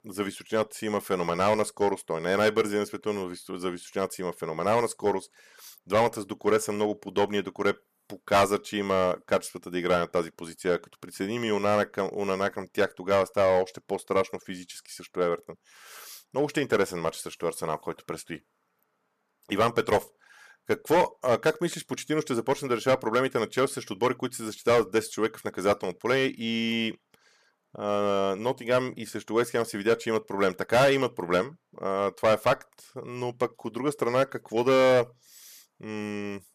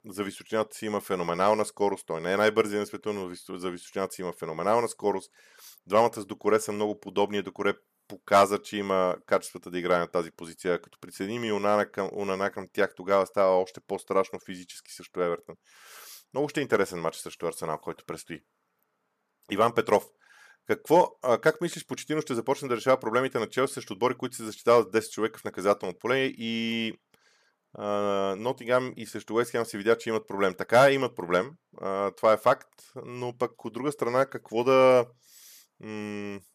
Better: second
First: distortion; slight; 3% of the sound clipped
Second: none

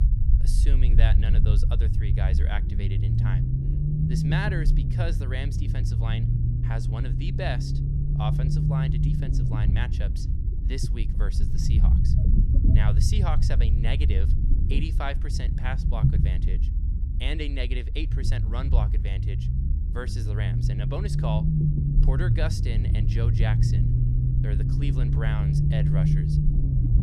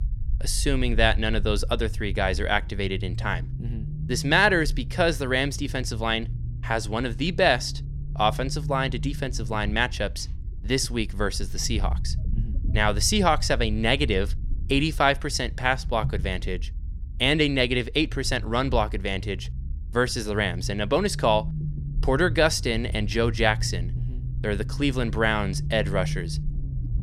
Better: second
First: low rumble; loud; throughout; 1 dB below the speech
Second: low rumble; faint; throughout; 20 dB below the speech

